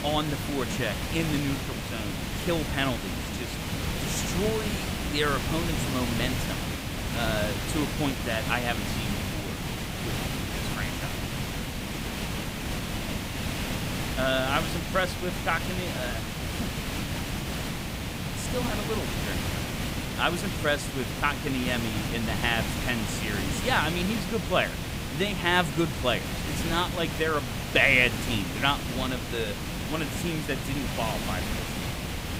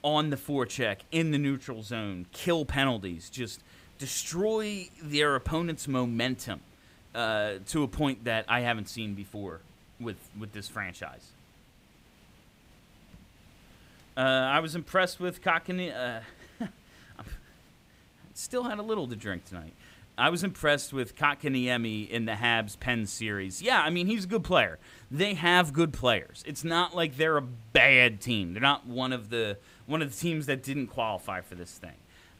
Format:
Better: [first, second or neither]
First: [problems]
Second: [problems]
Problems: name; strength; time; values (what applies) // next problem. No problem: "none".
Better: second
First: hiss; loud; throughout; 2 dB below the speech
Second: hiss; faint; throughout; 30 dB below the speech